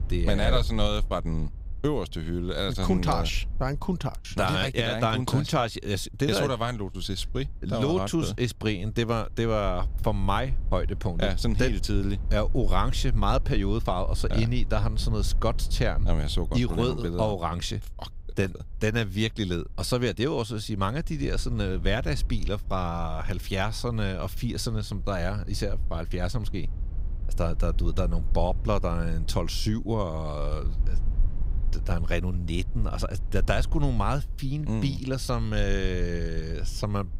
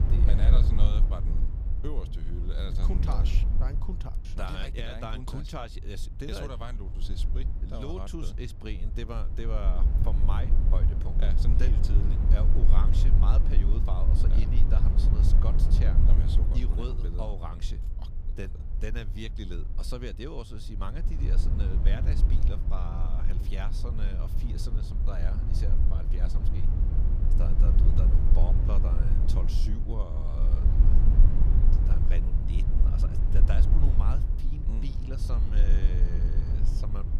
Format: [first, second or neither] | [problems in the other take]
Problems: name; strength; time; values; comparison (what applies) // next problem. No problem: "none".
first | low rumble; loud; throughout; 2 dB below the speech; faint in the first